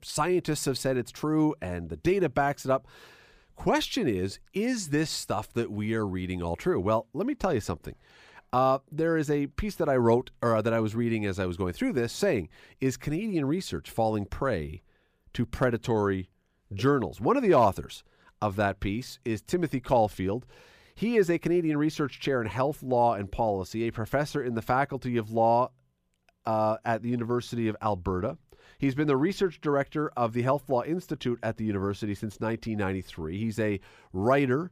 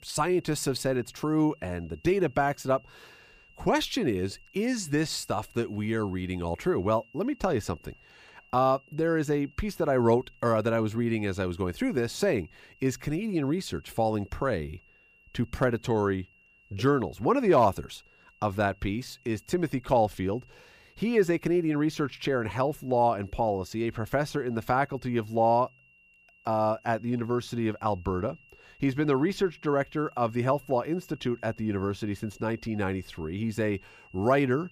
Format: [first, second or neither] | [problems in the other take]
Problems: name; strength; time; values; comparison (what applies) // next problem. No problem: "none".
first | high-pitched whine; faint; throughout; 3 kHz, 30 dB below the speech